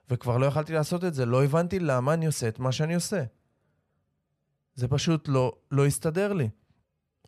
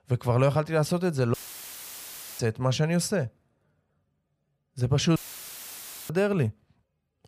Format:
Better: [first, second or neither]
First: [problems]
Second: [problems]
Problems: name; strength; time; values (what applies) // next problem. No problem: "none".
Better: first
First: none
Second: audio cutting out; filled with static; at 1.5 s for 1 s and at 5 s for 1 s